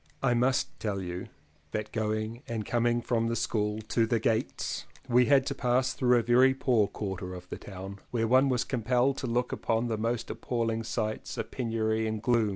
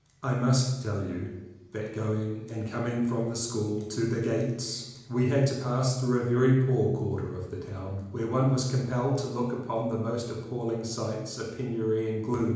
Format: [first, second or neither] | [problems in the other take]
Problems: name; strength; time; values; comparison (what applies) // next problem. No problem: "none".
first | room echo; dies away in 1 s